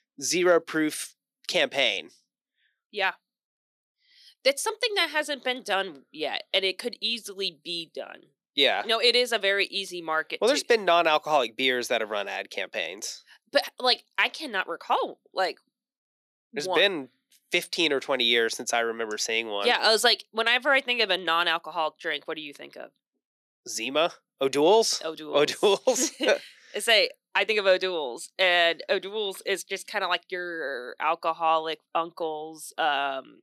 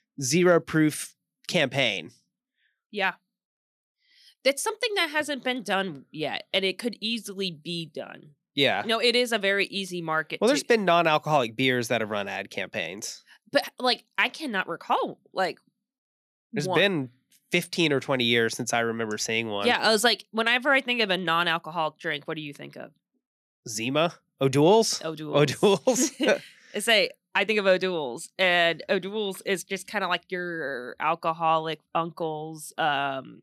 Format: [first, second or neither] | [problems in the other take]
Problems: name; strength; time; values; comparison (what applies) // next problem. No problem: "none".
second | thin; somewhat; fading below 400 Hz